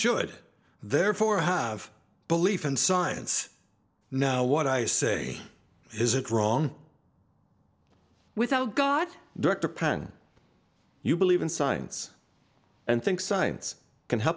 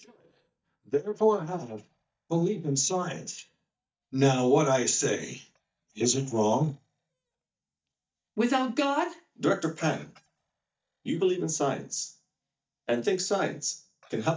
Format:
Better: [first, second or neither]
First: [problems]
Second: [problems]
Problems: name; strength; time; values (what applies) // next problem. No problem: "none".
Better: first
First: none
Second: noise reduction (neural mask model DeepFilterNet 3)